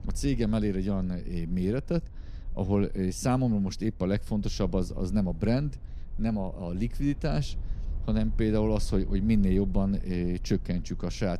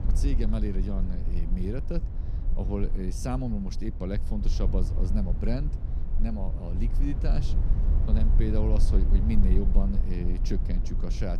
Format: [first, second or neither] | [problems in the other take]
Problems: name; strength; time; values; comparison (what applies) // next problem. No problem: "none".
first | low rumble; loud; throughout; 8 dB below the speech; faint in the first